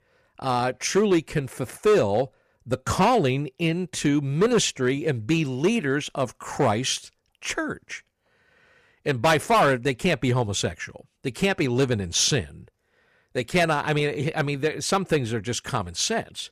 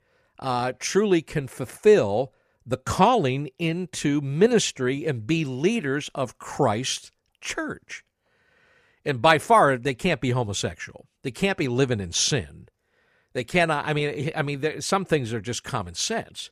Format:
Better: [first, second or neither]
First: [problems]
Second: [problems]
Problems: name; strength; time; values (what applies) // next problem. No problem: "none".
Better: second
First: distortion; slight; 3% of the sound clipped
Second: none